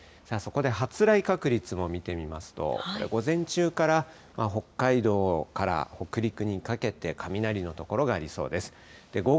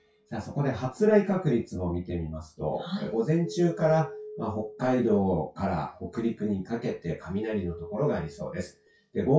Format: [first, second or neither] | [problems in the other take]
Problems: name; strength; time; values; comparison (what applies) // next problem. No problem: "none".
first | noise reduction (classical method WPE with log-MMSE)